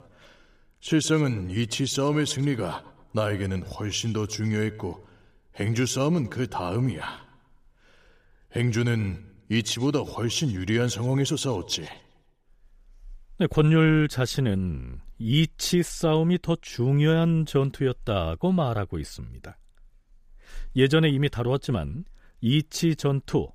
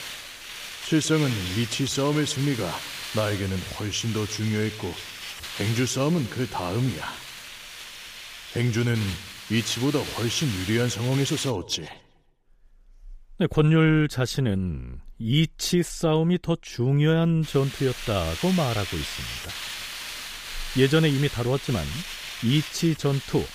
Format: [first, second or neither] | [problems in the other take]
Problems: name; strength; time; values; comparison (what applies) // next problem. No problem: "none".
first | hiss; loud; until 12 s and from 17 s on; 10 dB below the speech